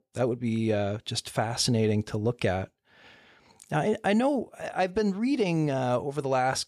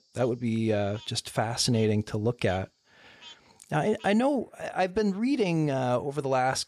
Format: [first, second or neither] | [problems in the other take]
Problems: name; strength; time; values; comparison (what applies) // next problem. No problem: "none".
first | animal sounds; faint; throughout; 25 dB below the speech